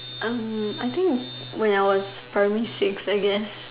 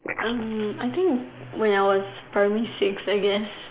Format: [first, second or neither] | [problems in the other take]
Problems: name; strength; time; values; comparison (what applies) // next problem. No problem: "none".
first | noise reduction (neural mask model Resemble Enhance denoiser)